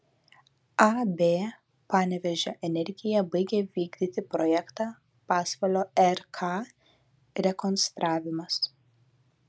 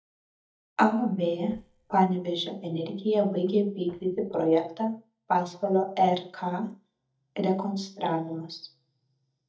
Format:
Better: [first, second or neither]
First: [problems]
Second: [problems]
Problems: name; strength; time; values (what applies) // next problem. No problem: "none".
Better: first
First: none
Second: noise reduction (neural mask model DeepFilterNet 3)